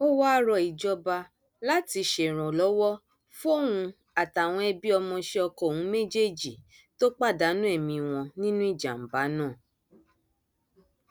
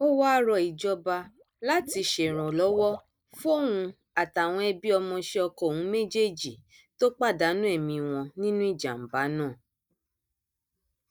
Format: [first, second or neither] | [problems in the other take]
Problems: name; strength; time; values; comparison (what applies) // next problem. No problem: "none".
first | noise reduction (neural mask model DeepFilterNet 3)